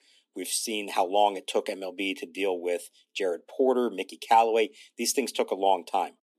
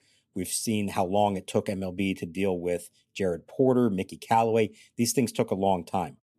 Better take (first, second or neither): second